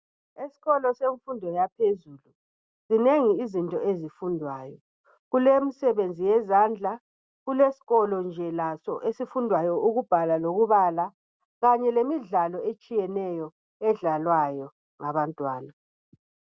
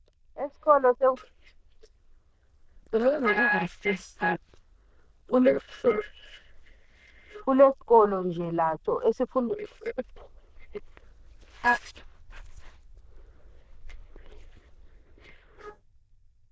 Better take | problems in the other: first | noise reduction (neural diffusion model UNIVERSE++)

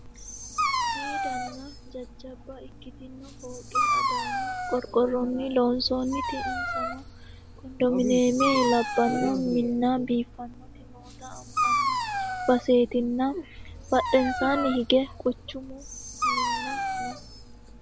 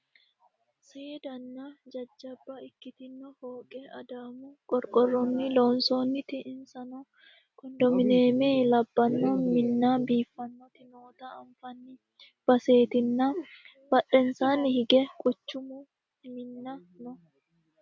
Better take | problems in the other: second | background sound (Dog); 4 dB below the speech

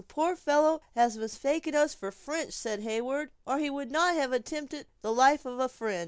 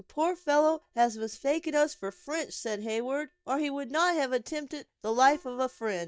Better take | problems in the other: first | noise reduction (neural mask model DeepFilterNet 3)

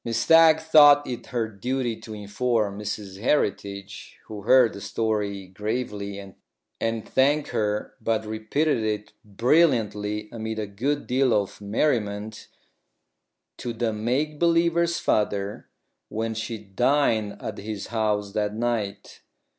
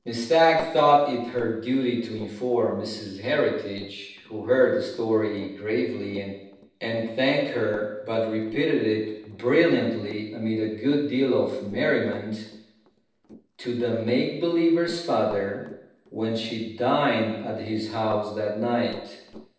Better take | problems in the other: first | noise reduction (neural separator model SepFormer DNS4)

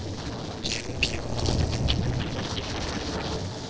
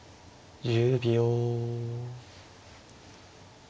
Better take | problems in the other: second | noise reduction (neural separator model SepFormer DNS4)

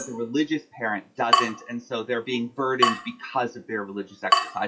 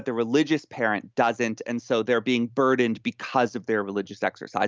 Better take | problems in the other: second | noise reduction (classical method WPE with log-MMSE)

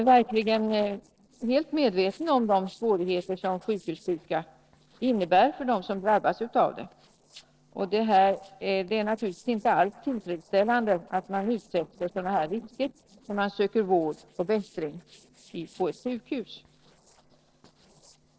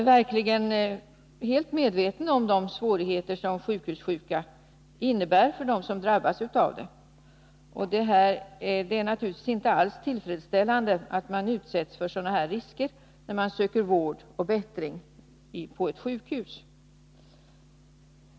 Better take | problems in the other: second | noise reduction (neural separator model SepFormer DNS4)

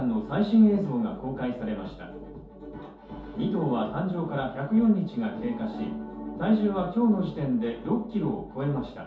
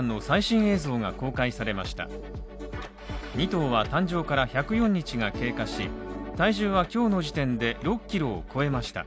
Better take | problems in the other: second | room echo; dies away in 0.5 s

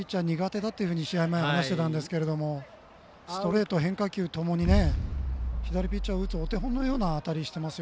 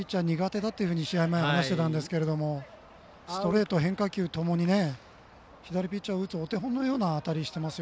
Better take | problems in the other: second | background sound (Explosion); 1 dB below the speech

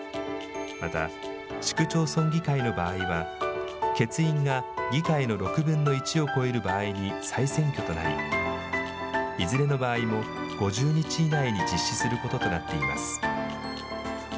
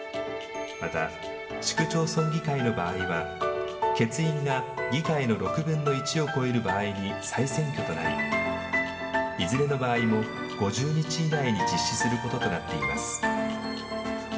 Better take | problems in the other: first | room echo; dies away in 2.2 s

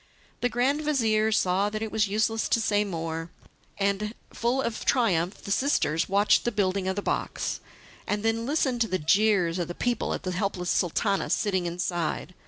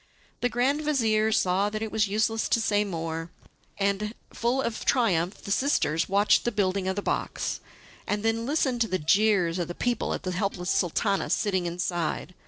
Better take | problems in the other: first | noise reduction (neural separator model SepFormer DNS4)

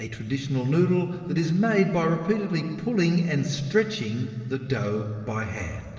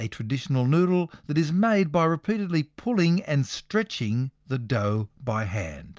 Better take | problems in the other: second | room echo; dies away in 2.9 s

